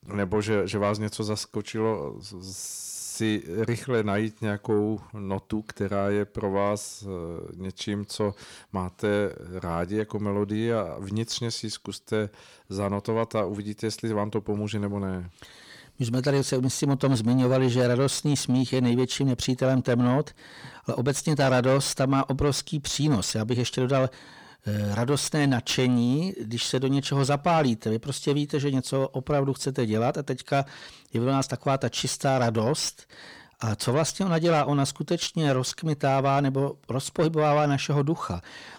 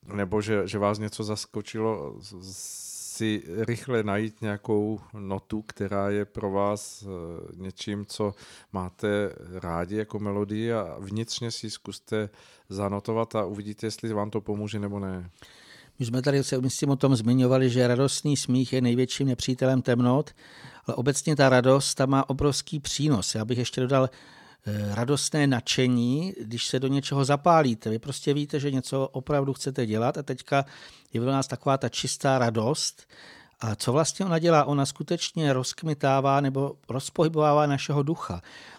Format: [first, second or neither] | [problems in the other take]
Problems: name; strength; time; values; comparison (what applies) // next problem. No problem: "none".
second | distortion; slight; 10 dB below the speech